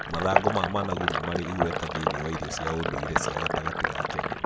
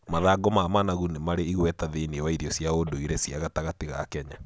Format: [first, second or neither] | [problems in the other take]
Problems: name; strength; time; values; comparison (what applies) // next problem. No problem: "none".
second | background sound (Sink (filling or washing)); 3 dB above the speech